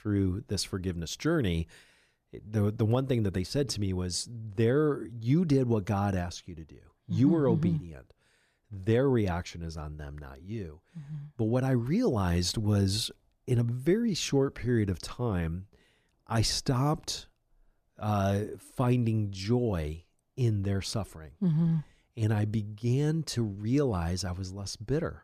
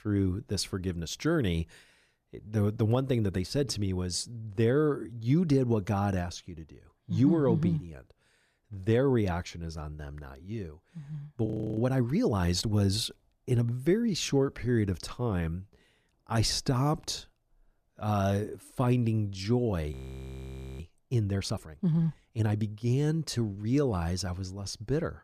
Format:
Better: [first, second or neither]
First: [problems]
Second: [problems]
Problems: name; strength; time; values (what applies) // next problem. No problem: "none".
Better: first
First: none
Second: audio freezing; at 11 s and at 20 s for 1 s